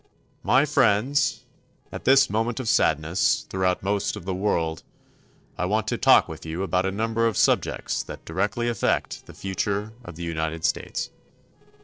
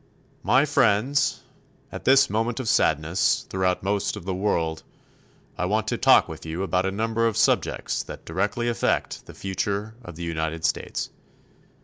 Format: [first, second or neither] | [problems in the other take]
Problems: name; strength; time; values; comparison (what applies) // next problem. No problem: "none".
second | noise reduction (neural separator model SepFormer DNS4)